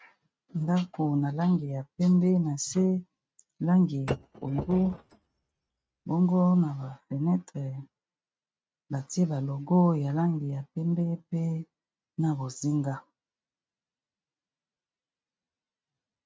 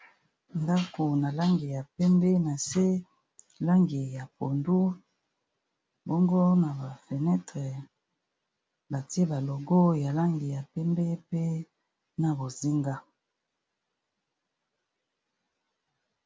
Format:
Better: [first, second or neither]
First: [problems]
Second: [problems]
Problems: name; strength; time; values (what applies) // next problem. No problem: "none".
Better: second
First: noise reduction (neural mask model RNNoise)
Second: none